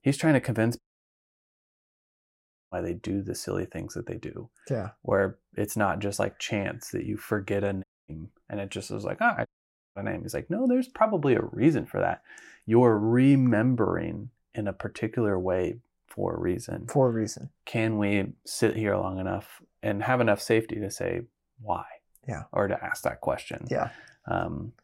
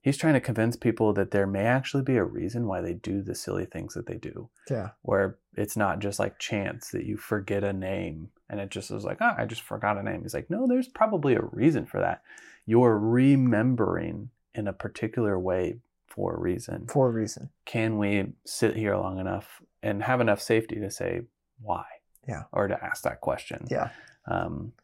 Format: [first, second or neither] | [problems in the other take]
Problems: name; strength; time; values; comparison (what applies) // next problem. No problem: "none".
second | audio cutting out; at 1 s for 2 s, at 8 s and at 9.5 s